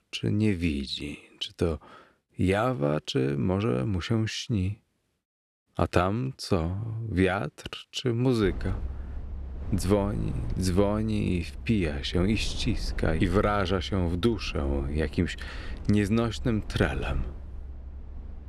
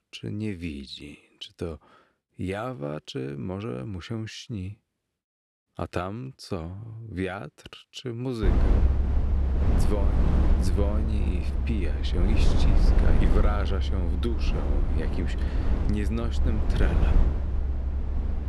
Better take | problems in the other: first | low rumble; loud; from 8.5 s on; 2 dB below the speech; faint in the first

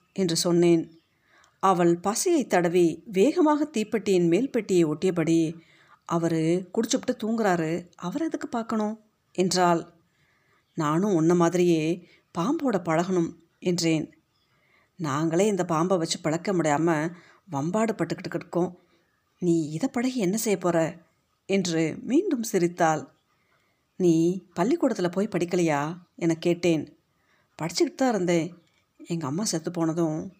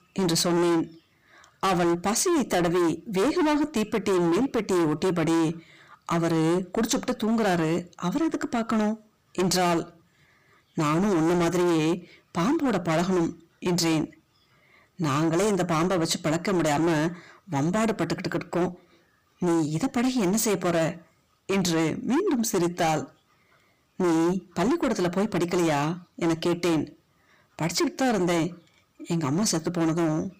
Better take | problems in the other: first | distortion; heavy; 22% of the sound clipped

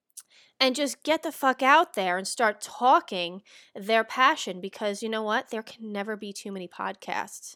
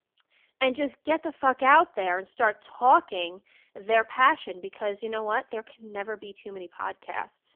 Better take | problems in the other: first | phone-call audio; poor line; nothing above 3.5 kHz

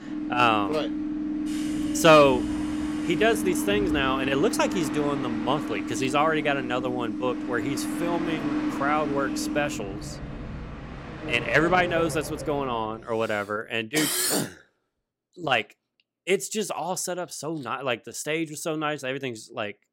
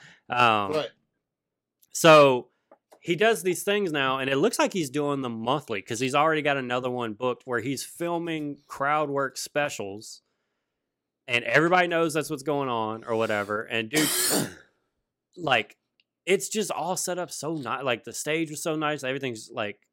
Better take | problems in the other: second | train or aircraft noise; loud; until 13 s; 5 dB below the speech

